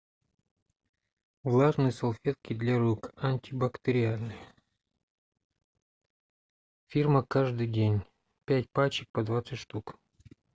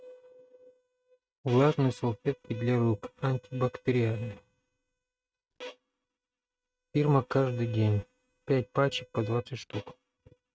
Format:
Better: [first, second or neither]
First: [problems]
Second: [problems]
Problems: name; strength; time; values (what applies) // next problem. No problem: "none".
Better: first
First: none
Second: noise reduction (neural mask model RNNoise)